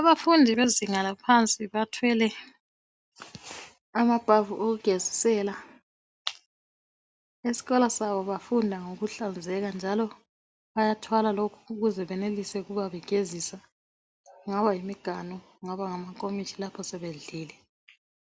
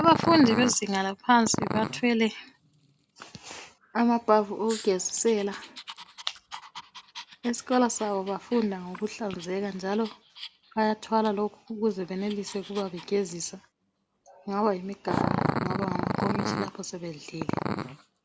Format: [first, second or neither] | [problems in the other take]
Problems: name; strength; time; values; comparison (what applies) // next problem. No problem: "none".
first | background sound (Growling); 7 dB below the speech